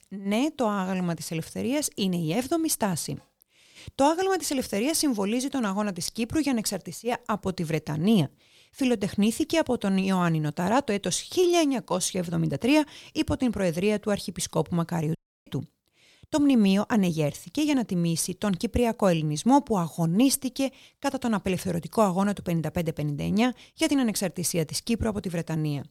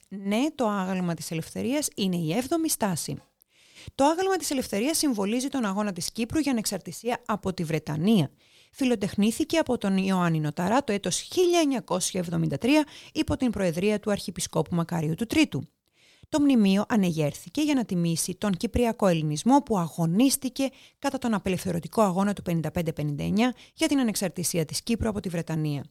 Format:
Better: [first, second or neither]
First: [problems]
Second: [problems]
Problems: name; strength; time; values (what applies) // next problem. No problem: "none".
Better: second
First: audio cutting out; at 15 s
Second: none